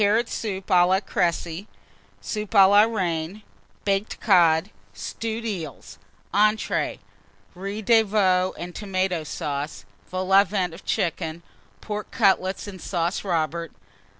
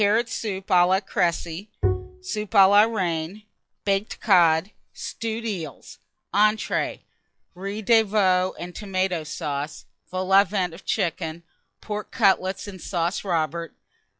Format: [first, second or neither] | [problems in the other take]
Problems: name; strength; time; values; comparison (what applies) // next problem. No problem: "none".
first | noise reduction (classical method log-MMSE)